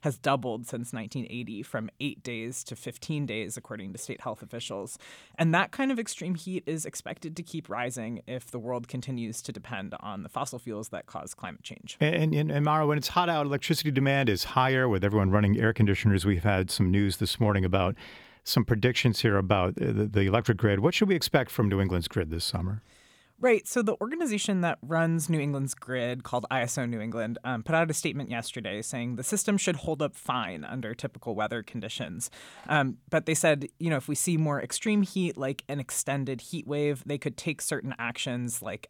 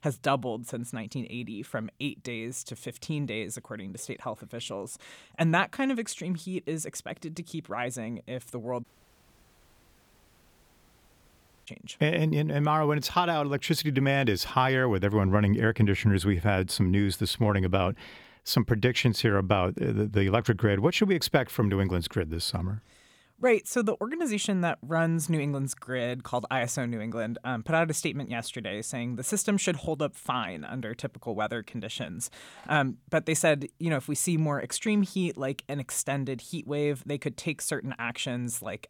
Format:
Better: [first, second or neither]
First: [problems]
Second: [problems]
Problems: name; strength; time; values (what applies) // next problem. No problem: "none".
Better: first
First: none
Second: audio cutting out; at 9 s for 3 s